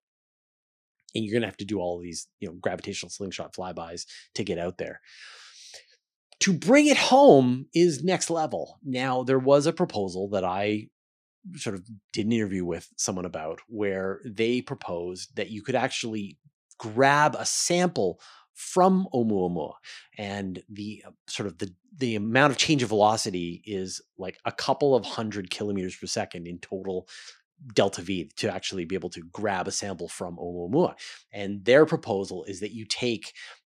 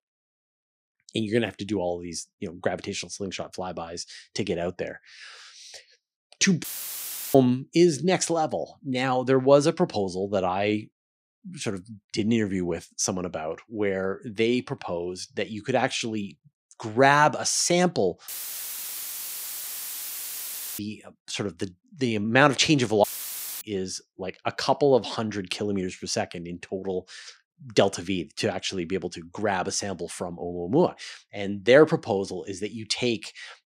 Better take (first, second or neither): first